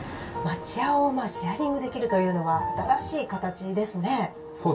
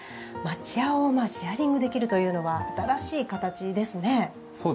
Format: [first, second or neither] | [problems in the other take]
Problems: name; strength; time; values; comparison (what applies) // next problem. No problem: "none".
second | background sound (Thunder / Rain); 19 dB below the speech // room echo; dies away in 0.1 s